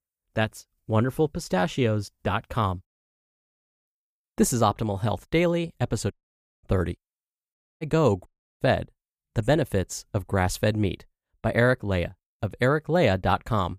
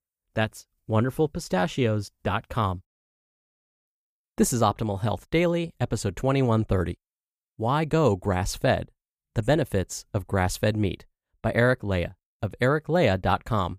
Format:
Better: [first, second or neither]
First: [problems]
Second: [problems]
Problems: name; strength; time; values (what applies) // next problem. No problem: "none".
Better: second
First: audio cutting out; at 6 s for 0.5 s, at 7.5 s and at 8.5 s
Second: none